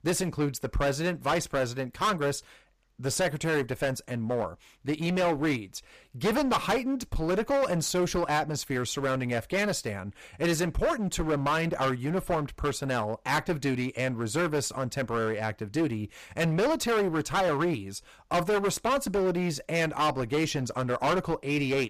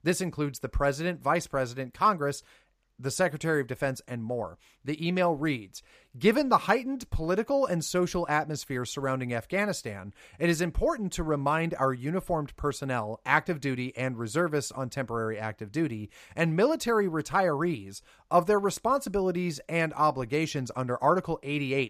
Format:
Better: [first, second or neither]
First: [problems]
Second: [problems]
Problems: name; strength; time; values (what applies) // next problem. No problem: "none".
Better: second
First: distortion; heavy; 16% of the sound clipped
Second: none